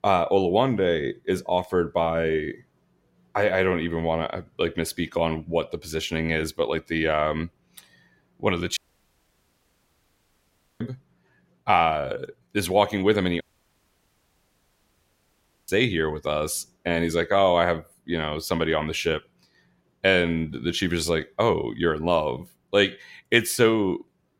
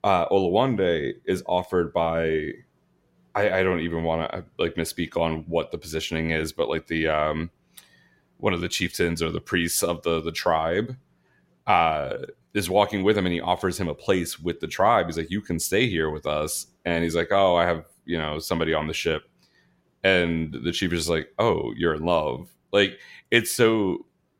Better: second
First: audio cutting out; at 9 s for 2 s and at 13 s for 2.5 s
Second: none

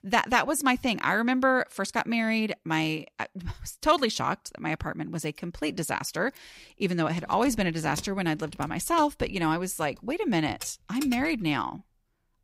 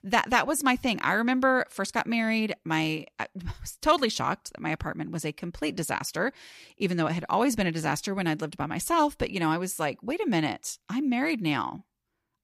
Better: second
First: jangling keys; faint; from 5 to 11 s; peak 10 dB below the speech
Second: none

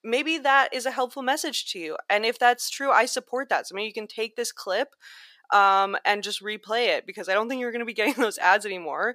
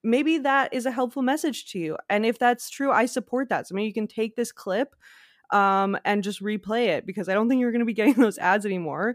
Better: second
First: thin; somewhat; fading below 550 Hz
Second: none

